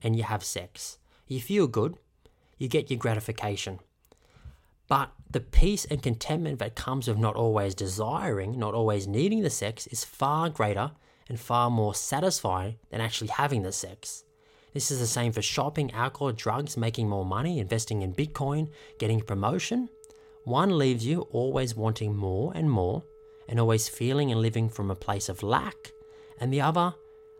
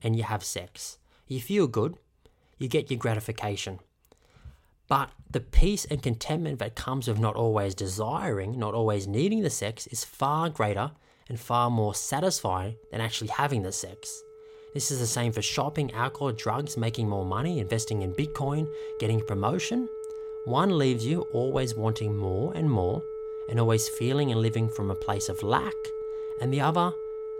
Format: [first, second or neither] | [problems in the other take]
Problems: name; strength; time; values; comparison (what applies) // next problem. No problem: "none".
first | alarms or sirens; loud; throughout; 9 dB below the speech; faint in the first